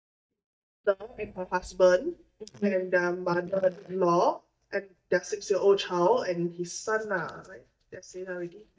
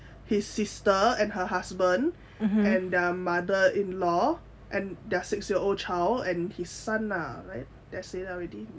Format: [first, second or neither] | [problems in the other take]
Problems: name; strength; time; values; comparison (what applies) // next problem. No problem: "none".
second | noise reduction (neural mask model DeepFilterNet 3)